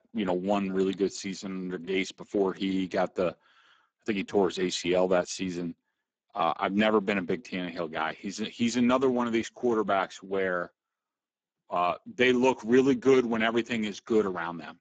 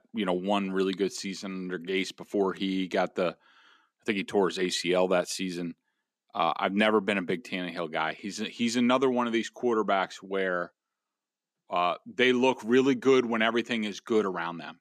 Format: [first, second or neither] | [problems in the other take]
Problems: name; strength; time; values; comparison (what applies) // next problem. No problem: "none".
second | garbled, watery; badly; nothing above 7.5 kHz